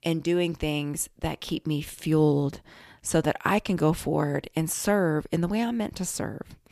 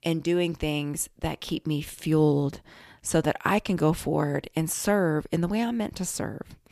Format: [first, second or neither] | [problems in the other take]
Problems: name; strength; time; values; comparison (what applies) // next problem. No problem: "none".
neither | none